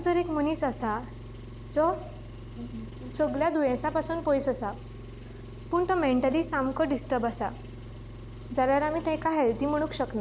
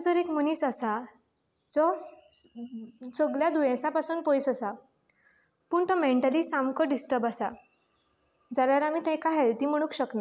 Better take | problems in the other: second | background sound (Engine); 12 dB below the speech

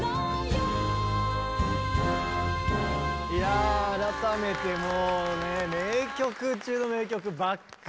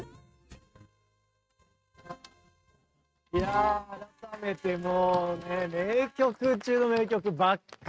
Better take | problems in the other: first | noise reduction (neural mask model RNNoise)

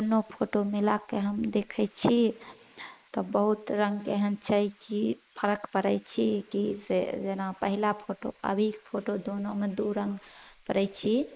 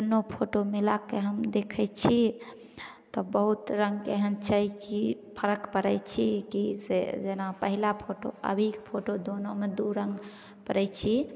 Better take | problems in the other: second | noise reduction (neural mask model Resemble Enhance denoiser)

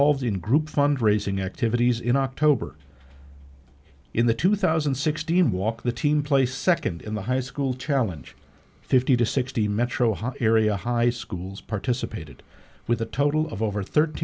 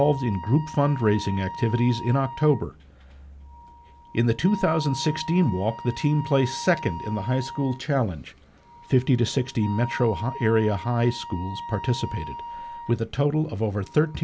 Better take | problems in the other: first | background sound (Wind instrument, woodwind instrument); 13 dB below the speech

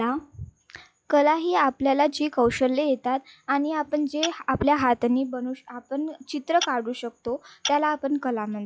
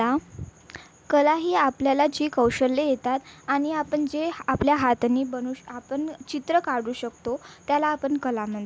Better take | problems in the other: second | noise reduction (classical method log-MMSE)

